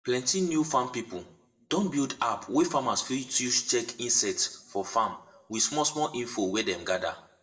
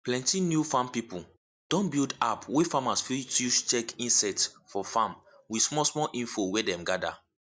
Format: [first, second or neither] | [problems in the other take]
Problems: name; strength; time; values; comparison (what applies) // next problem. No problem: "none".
second | room echo; dies away in 0.6 s